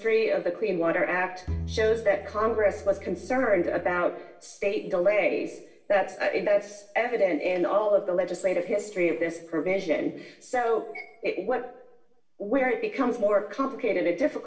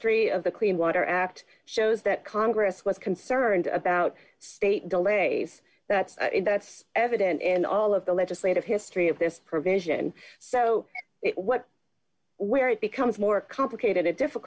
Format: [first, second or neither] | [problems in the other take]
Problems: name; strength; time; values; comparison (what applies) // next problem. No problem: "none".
second | background sound (Bowed string instrument); 12 dB below the speech // room echo; dies away in 0.7 s